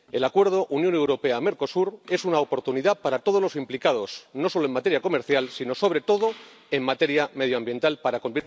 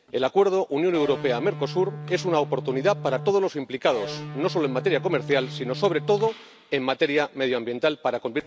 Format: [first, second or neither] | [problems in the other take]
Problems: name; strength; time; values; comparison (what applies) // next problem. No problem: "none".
first | background sound (Electric guitar); 11 dB below the speech